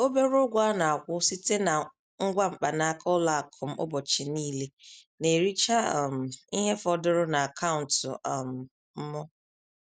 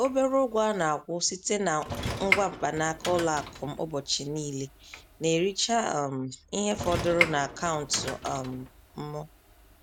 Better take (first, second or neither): first